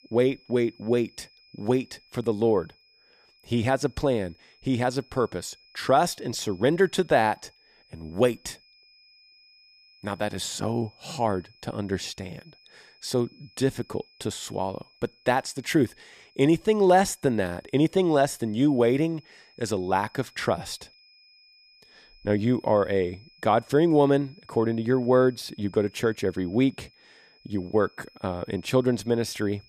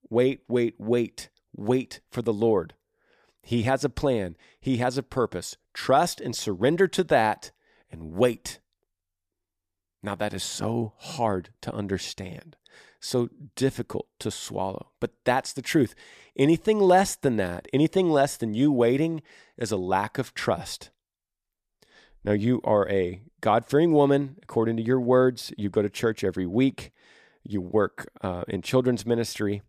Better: second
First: high-pitched whine; faint; throughout; 5 kHz, 30 dB below the speech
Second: none

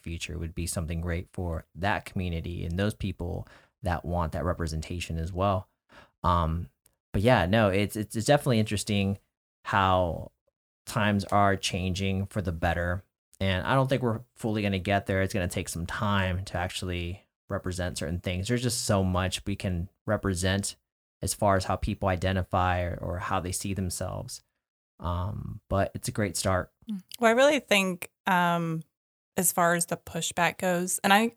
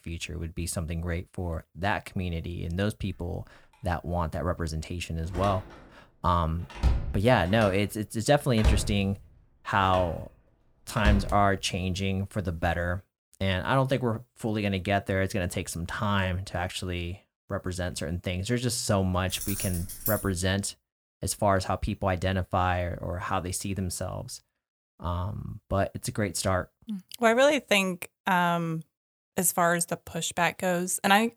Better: first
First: none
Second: door banging; loud; from 5.5 to 11 s; peak level with the speech // jangling keys; noticeable; from 19 to 20 s; peak 3 dB below the speech

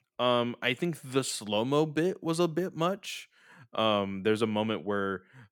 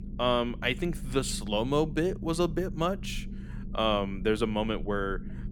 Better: first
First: none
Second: low rumble; noticeable; throughout; 20 dB below the speech

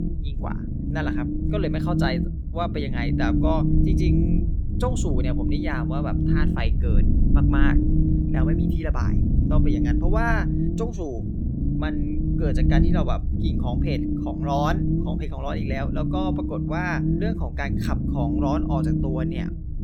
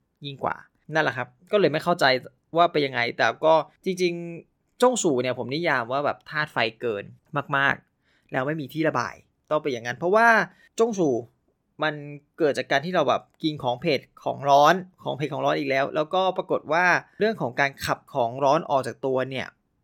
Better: second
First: low rumble; loud; throughout; 1 dB below the speech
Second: none

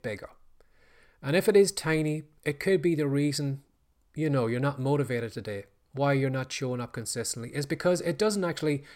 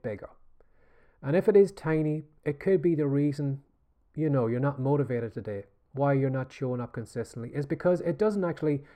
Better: first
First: none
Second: muffled; very; fading above 2 kHz

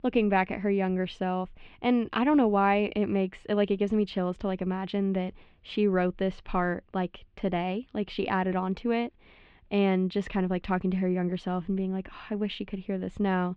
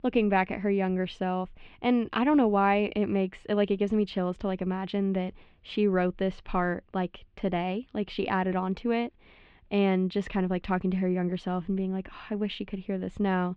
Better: neither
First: muffled; very; fading above 3 kHz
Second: muffled; very; fading above 3 kHz

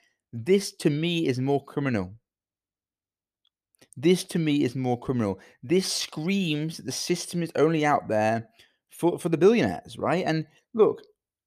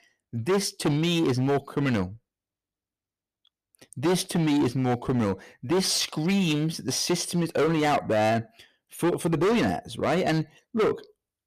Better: first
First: none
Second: distortion; heavy; 13% of the sound clipped

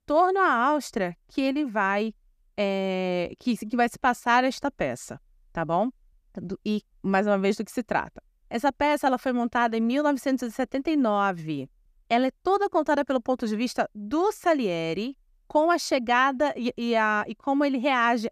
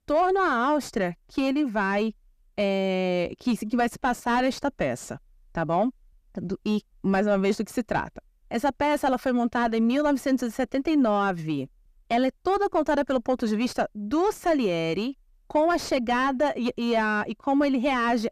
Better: first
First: none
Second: distortion; slight; 10 dB below the speech

